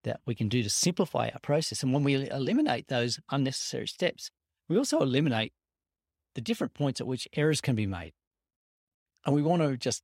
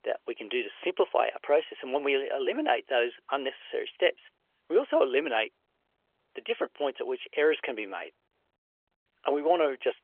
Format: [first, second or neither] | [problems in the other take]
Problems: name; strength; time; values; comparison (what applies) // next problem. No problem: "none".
first | phone-call audio; nothing above 3.5 kHz